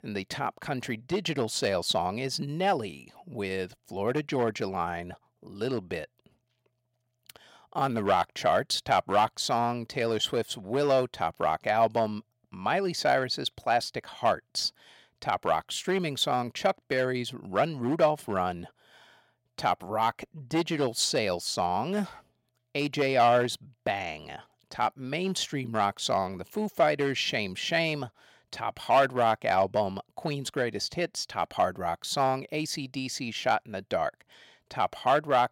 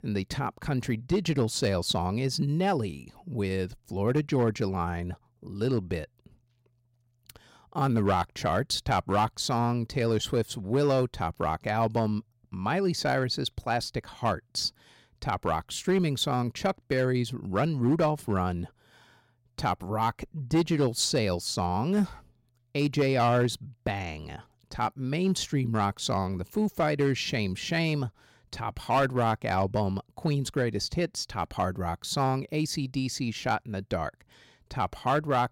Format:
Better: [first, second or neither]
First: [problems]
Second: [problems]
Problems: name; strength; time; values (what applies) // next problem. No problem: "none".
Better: second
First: thin; somewhat; fading below 600 Hz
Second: none